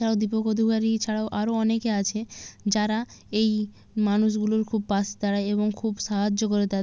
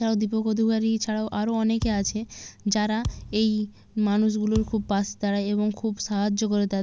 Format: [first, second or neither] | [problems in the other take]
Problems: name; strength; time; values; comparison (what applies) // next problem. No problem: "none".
first | background sound (Thump, thud); 11 dB below the speech